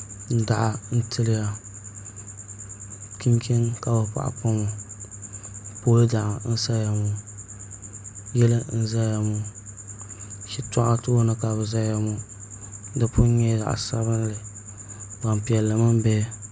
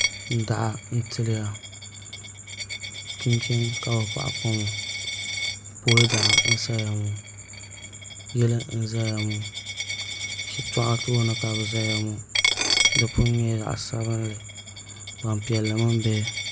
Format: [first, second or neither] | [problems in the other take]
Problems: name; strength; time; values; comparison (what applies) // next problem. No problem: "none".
first | background sound (Coin (dropping)); 3 dB below the speech